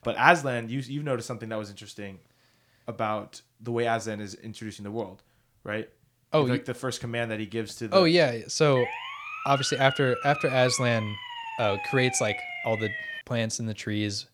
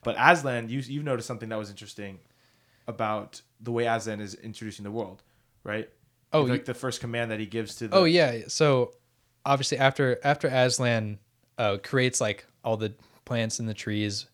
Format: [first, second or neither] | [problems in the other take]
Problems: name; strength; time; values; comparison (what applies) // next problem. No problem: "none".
second | siren; noticeable; from 9 to 13 s; peak 6 dB below the speech